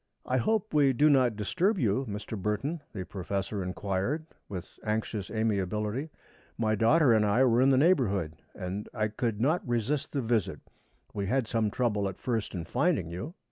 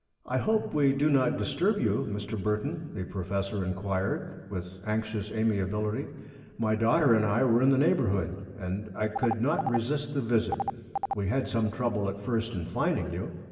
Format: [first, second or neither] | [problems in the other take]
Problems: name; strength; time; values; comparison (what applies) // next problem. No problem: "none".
first | background sound (Telephone); 7 dB below the speech // room echo; dies away in 2.3 s